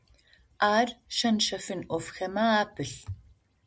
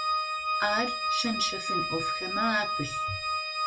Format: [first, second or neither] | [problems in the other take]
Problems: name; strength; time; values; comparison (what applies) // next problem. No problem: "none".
first | background sound (Organ); 3 dB above the speech // room echo; dies away in 0.2 s